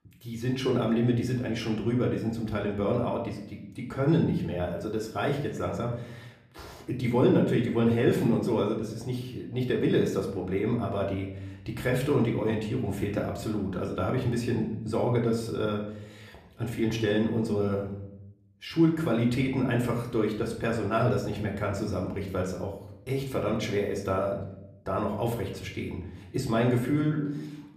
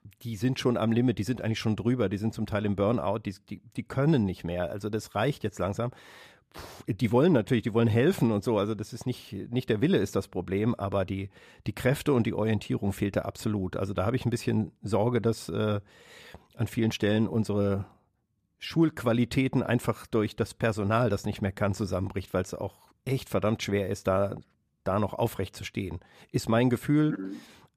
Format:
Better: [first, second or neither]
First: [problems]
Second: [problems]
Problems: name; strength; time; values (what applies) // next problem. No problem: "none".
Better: second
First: room echo; slight; dies away in 0.7 s // off-mic speech; somewhat distant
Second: none